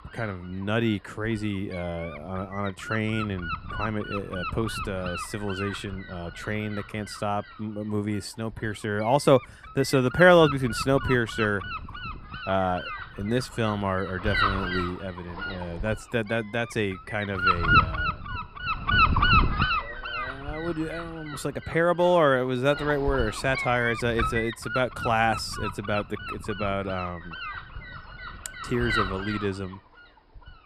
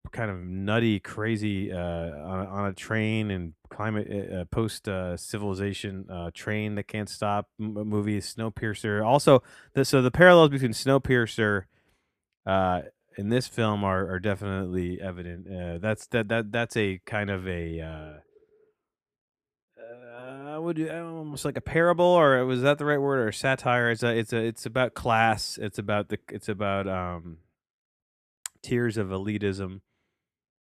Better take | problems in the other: second | wind noise on the microphone; heavy; 1 dB below the speech

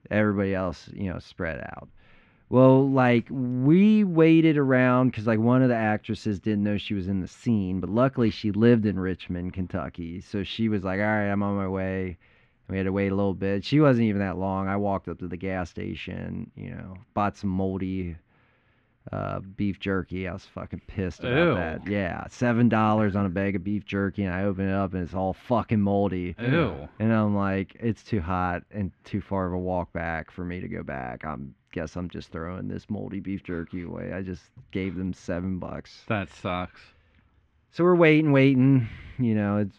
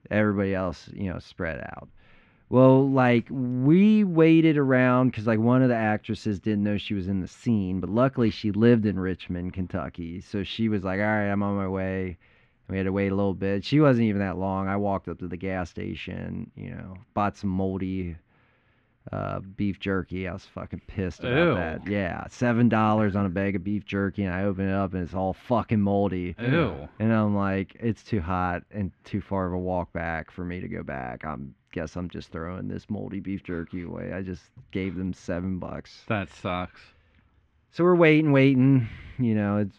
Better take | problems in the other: neither | muffled; slightly; fading above 2.5 kHz; the same in both

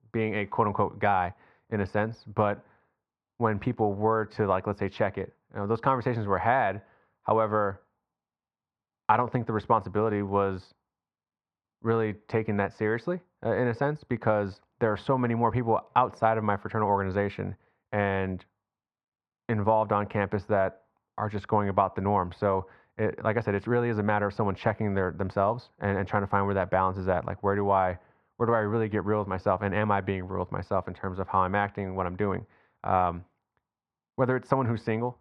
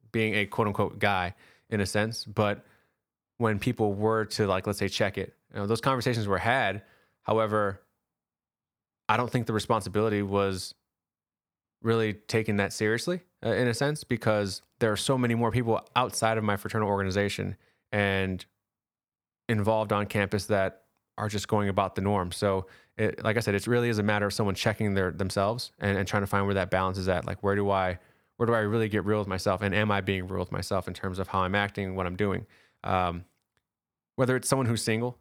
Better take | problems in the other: second | muffled; very; fading above 1.5 kHz

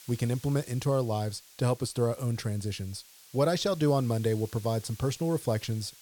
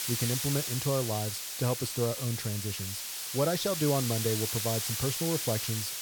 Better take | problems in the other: first | hiss; loud; throughout; 1 dB below the speech; faint in the first

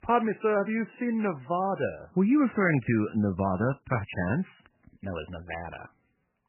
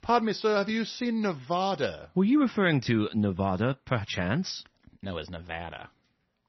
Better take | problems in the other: second | garbled, watery; badly; nothing above 3 kHz; slightly in the second

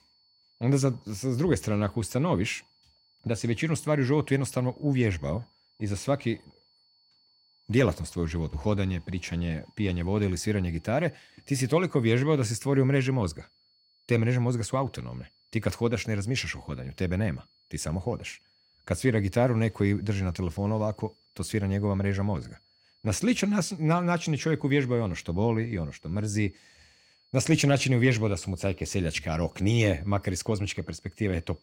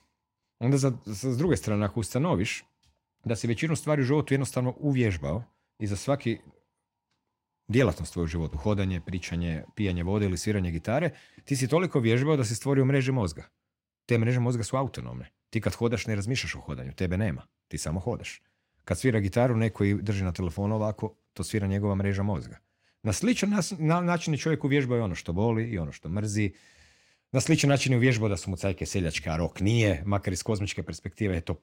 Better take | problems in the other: second | high-pitched whine; faint; throughout; 4.5 kHz, 35 dB below the speech

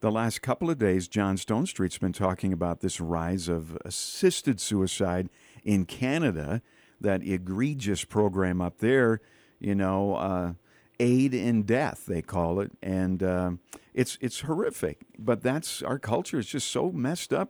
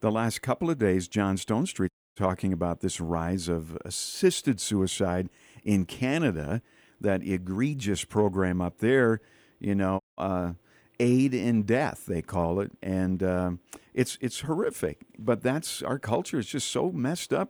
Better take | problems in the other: first | audio cutting out; at 2 s and at 10 s

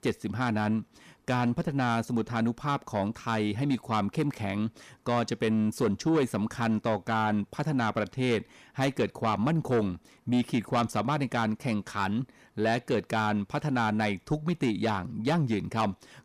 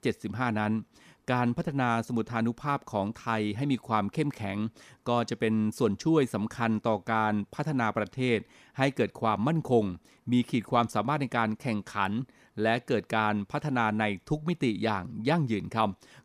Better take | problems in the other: second | distortion; slight; 10 dB below the speech

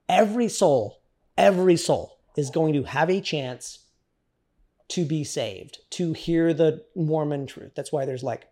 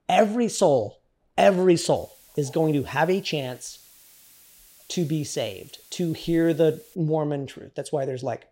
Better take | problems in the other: first | hiss; faint; from 2 to 7 s; 25 dB below the speech

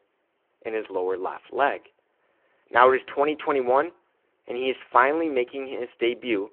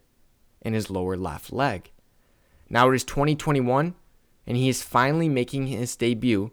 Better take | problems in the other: second | phone-call audio

